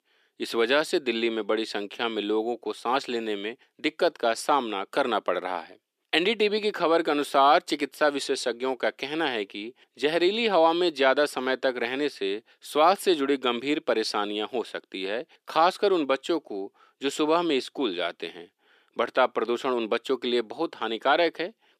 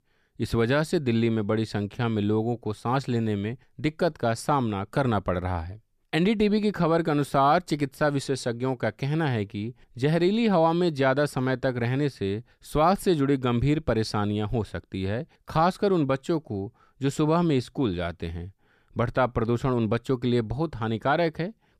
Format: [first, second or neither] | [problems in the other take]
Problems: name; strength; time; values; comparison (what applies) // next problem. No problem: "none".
second | thin; somewhat; fading below 300 Hz